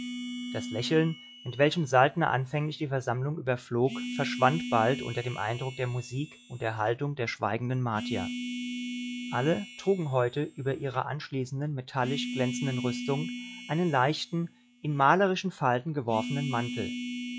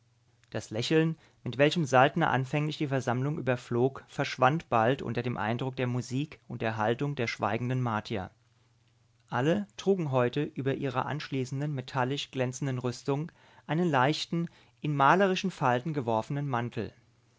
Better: second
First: noise reduction (classical method log-MMSE)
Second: none

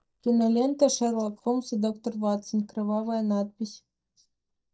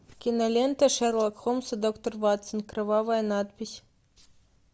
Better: second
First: noise reduction (neural mask model DeepFilterNet 3)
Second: none

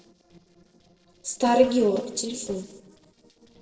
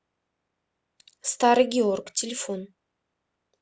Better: second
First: noise reduction (neural separator model SepFormer DNS4)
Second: none

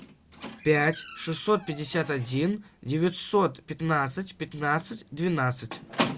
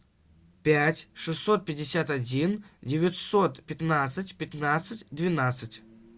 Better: second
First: background sound (Squeak); 11 dB below the speech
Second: none

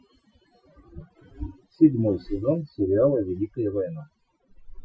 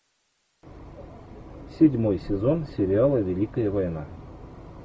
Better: second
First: noise reduction (classical method Wiener filter)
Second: none

